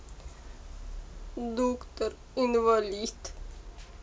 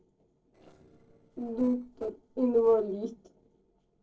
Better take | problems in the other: first | noise reduction (neural separator model SepFormer DNS4)

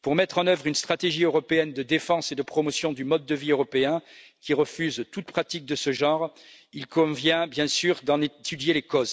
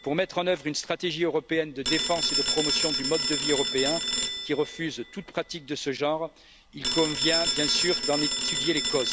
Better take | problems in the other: first | background sound (Telephone); 1 dB below the speech

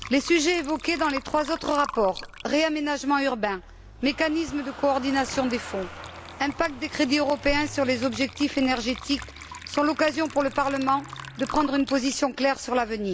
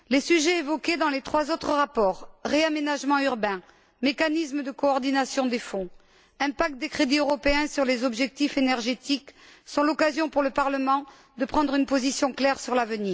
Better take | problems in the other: second | background sound (Engine starting / Motor vehicle (road) + Water / Liquid); 15 dB below the speech

